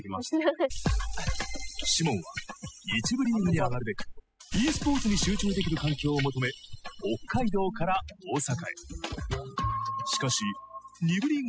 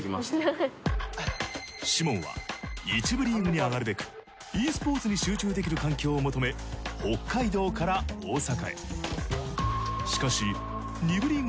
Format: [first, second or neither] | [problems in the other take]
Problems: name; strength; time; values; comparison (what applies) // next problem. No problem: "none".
second | noise reduction (classical method spectral subtraction)